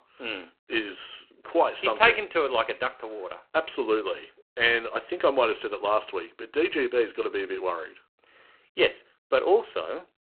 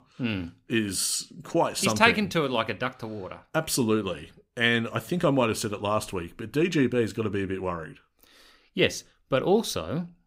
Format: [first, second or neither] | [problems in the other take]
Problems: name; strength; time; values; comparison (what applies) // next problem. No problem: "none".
second | phone-call audio; poor line